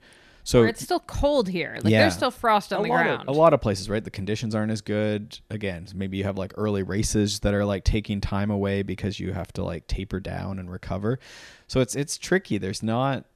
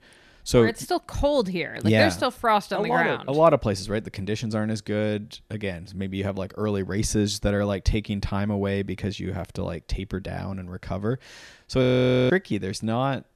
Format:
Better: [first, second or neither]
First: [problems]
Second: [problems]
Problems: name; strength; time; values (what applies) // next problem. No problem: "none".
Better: first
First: none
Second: audio freezing; at 12 s